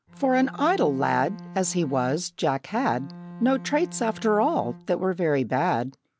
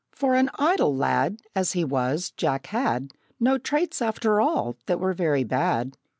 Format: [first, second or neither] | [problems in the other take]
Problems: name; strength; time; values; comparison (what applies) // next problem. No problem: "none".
second | background sound (Bowed string instrument); 16 dB below the speech